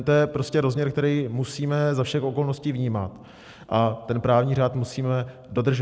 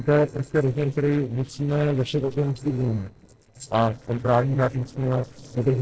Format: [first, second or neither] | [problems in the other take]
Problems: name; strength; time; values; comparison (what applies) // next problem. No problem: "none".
first | noise reduction (neural separator model SepFormer DNS4)